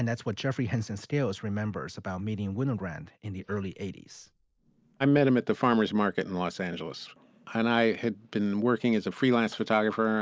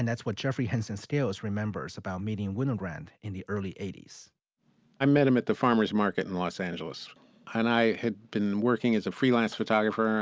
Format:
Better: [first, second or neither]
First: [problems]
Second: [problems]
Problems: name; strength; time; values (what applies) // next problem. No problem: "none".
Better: second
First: noise reduction (neural mask model Resemble Enhance denoiser)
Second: none